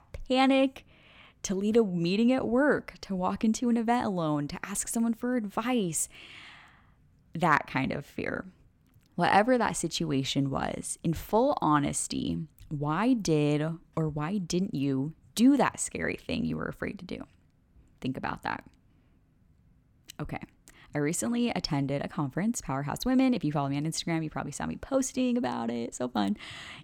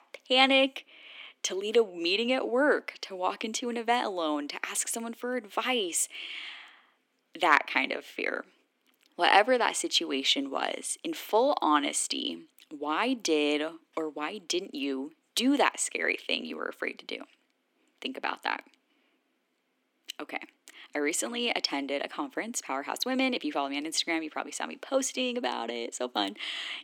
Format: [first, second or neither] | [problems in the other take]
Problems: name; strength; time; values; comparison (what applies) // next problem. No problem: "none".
first | thin; somewhat; fading below 300 Hz